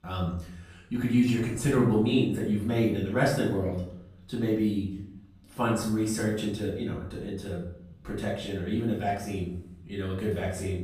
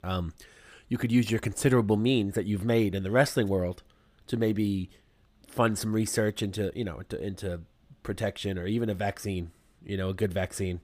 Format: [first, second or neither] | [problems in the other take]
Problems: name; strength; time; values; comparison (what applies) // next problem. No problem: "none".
second | off-mic speech; far // room echo; noticeable; dies away in 0.6 s